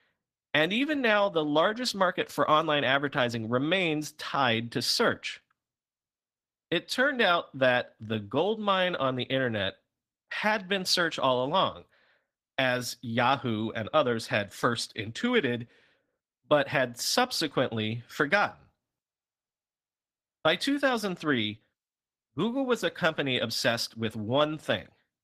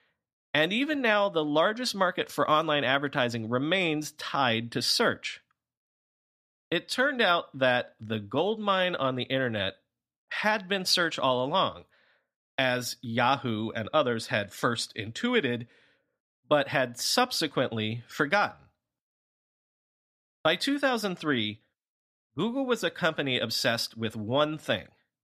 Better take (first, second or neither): second